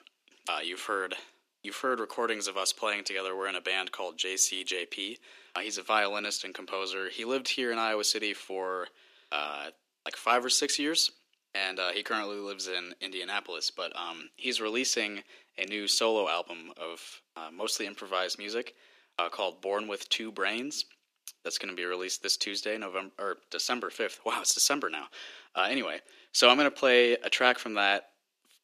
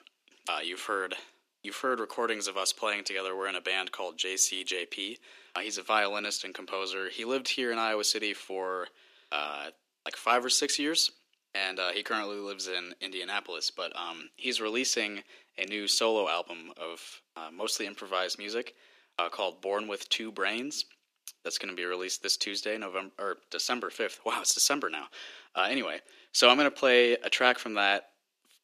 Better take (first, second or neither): neither